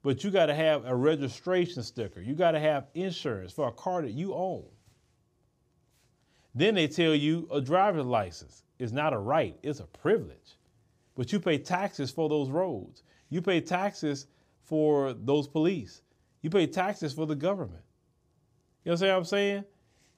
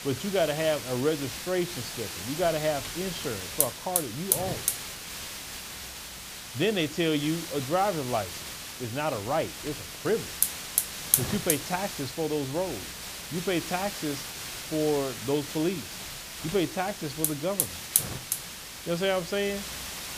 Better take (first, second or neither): first